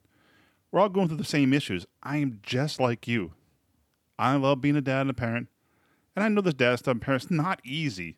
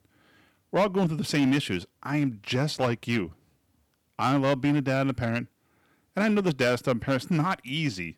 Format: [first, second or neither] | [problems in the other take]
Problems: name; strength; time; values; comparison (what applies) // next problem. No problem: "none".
first | distortion; slight; 5% of the sound clipped